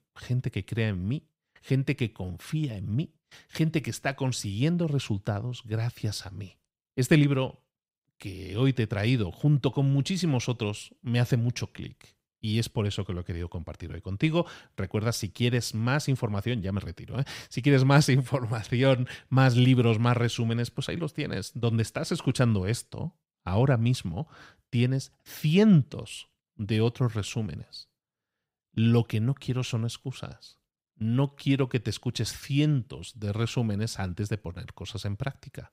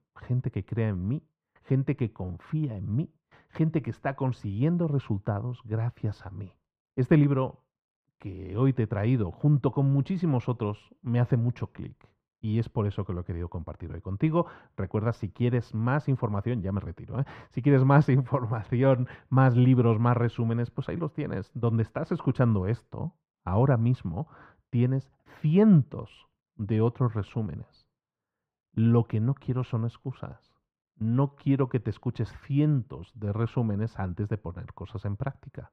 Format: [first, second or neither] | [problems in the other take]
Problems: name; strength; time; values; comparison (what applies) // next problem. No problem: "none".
first | muffled; very; fading above 3 kHz